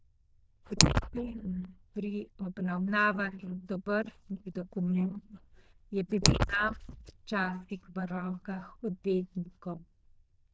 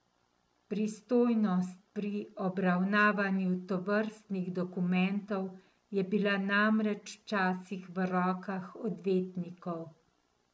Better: second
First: noise reduction (neural diffusion model UNIVERSE++)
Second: none

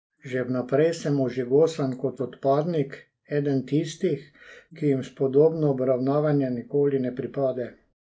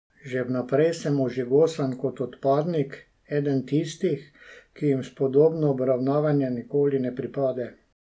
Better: second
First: noise reduction (neural mask model Resemble Enhance denoiser)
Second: none

